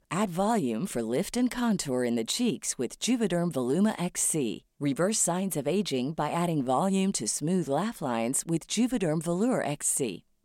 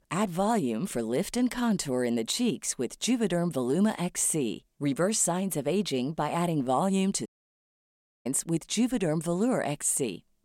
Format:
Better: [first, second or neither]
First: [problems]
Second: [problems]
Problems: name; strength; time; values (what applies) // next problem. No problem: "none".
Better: first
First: none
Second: audio cutting out; at 7.5 s for 1 s